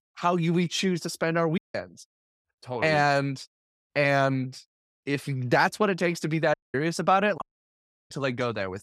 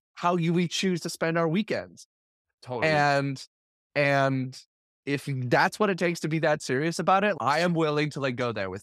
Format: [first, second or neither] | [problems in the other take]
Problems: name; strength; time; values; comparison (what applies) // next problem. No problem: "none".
second | audio cutting out; at 1.5 s, at 6.5 s and at 7.5 s for 0.5 s